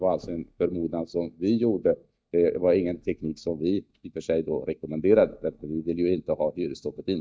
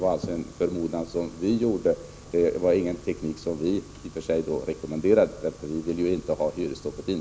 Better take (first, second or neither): second